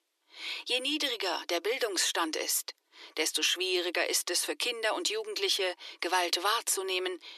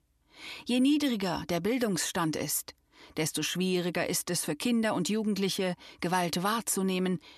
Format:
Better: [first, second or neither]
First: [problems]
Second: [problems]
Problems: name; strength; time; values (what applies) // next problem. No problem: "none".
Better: second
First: thin; very; fading below 350 Hz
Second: none